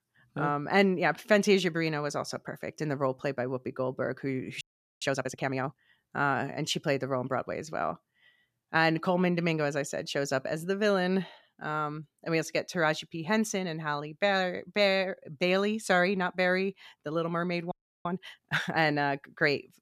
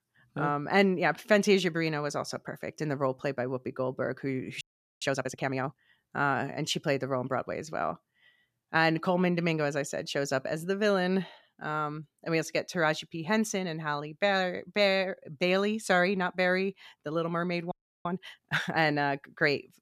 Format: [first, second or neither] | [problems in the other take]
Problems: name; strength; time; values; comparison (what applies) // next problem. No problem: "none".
neither | audio freezing; at 4.5 s and at 18 s; the same in both